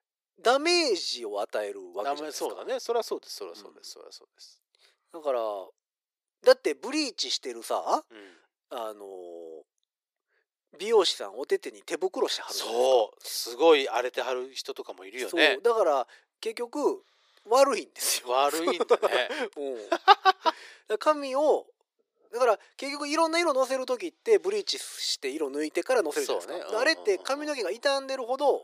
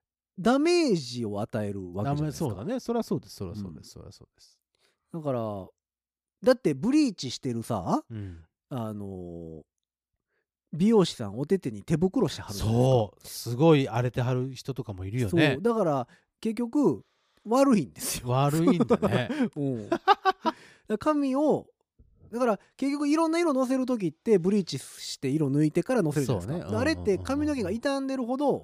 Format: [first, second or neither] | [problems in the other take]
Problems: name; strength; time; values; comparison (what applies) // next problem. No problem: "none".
second | thin; very; fading below 400 Hz